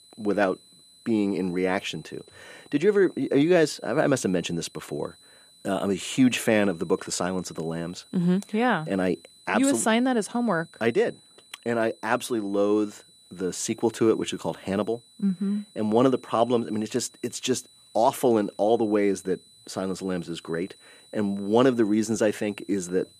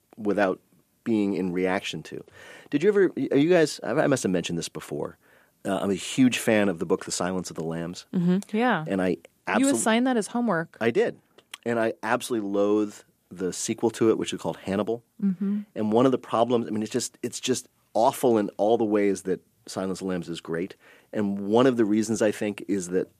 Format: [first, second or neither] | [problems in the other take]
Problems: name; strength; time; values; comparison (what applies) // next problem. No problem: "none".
second | high-pitched whine; faint; throughout; 4 kHz, 25 dB below the speech